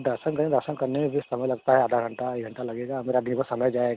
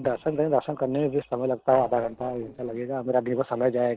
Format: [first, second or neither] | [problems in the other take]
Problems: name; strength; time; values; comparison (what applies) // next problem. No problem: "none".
first | noise reduction (neural separator model SepFormer DNS4)